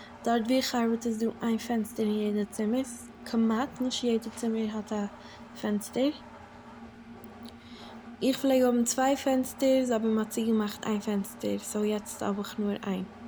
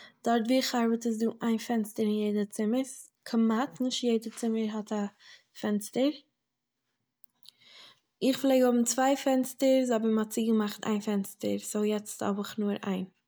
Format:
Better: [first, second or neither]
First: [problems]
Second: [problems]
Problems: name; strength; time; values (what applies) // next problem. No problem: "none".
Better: second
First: background sound (Engine); 17 dB below the speech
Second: none